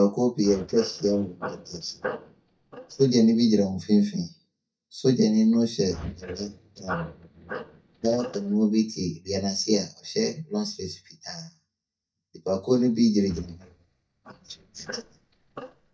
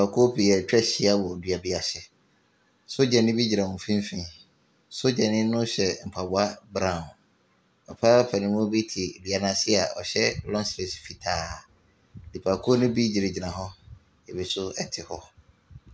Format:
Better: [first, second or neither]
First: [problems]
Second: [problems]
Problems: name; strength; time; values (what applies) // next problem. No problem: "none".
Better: second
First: noise reduction (neural mask model DeepFilterNet 3)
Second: none